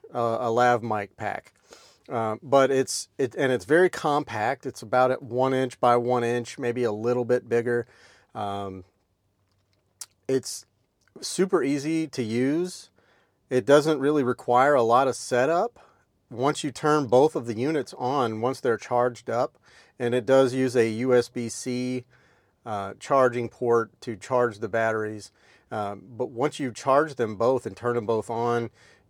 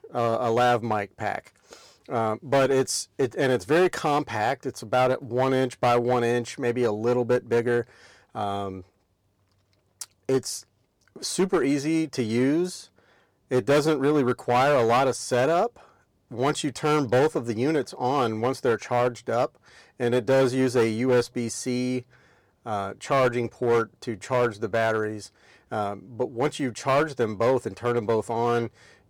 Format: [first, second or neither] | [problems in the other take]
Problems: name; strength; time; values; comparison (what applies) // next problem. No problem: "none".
first | distortion; slight; 6% of the sound clipped